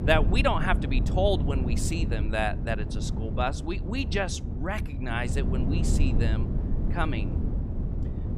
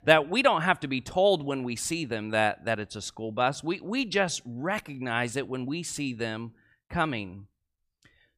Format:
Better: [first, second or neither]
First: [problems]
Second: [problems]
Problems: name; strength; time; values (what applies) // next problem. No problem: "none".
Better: second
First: low rumble; loud; throughout; 10 dB below the speech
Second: none